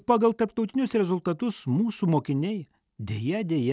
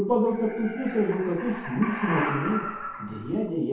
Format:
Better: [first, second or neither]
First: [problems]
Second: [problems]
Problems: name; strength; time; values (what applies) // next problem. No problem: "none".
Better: first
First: none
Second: background sound (Animal); 8 dB below the speech // room echo; dies away in 0.7 s